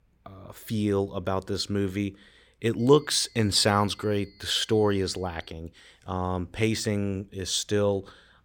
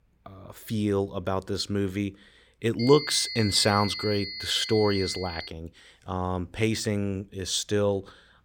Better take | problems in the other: first | high-pitched whine; loud; from 3 to 5.5 s; 4.5 kHz, 7 dB below the speech; faint in the first

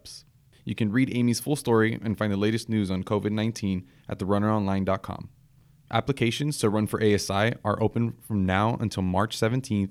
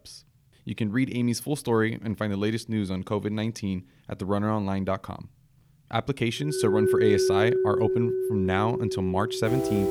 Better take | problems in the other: first | background music; very loud; from 6.5 s on; 2 dB above the speech

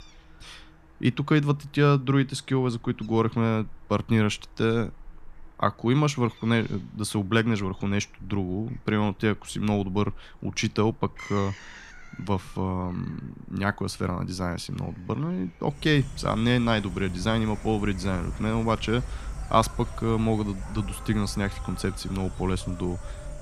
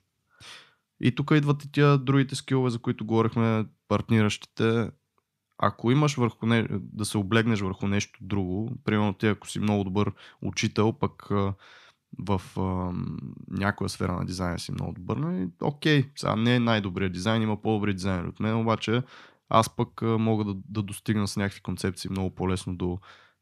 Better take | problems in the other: second | animal sounds; noticeable; throughout; 15 dB below the speech

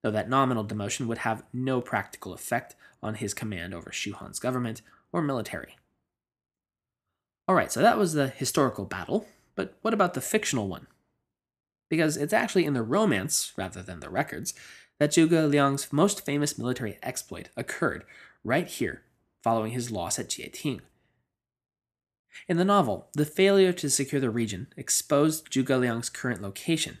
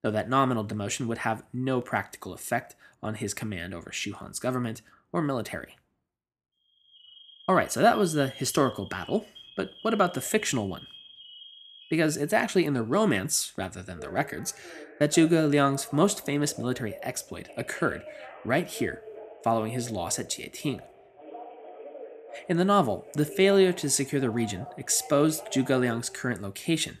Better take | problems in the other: first | alarms or sirens; noticeable; from 7 s on; 20 dB below the speech

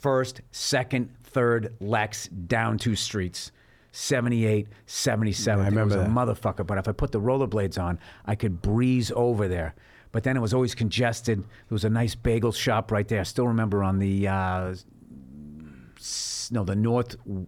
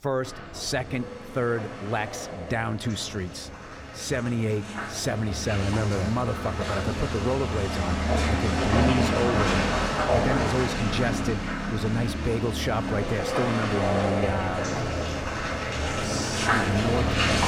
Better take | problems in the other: first | traffic noise; very loud; throughout; 2 dB above the speech

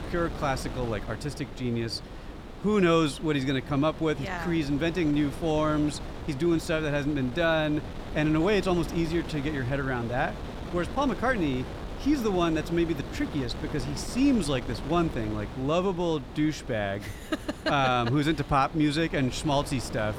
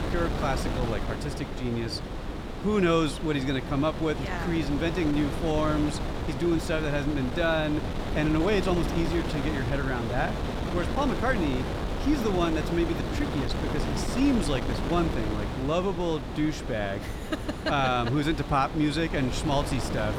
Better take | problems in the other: first | wind noise on the microphone; heavy; 6 dB below the speech; occasional gusts in the first

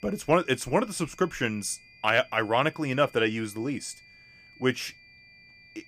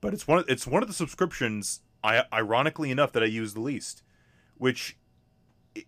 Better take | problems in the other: second | high-pitched whine; faint; throughout; 2.5 kHz, 25 dB below the speech

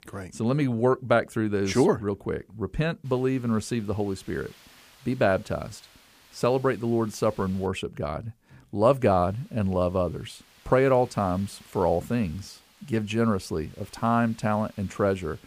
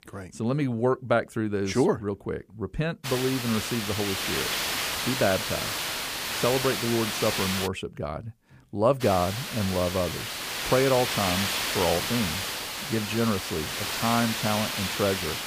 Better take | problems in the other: first | hiss; loud; from 3 to 7.5 s and from 9 s on; 1 dB below the speech; faint in the first

